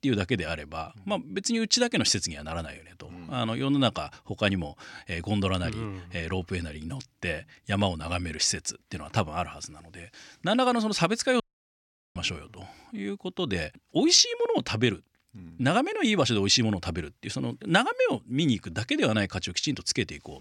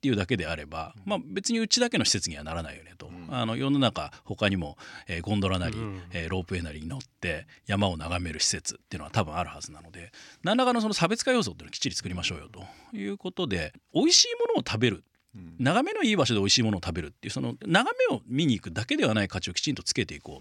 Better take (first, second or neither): second